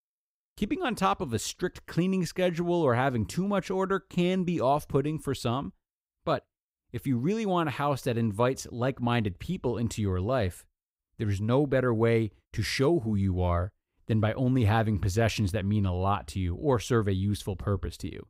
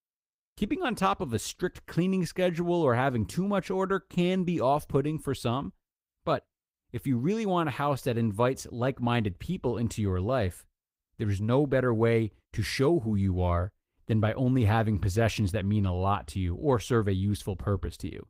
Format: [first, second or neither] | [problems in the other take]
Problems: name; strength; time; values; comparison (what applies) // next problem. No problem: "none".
first | garbled, watery; slightly; nothing above 15.5 kHz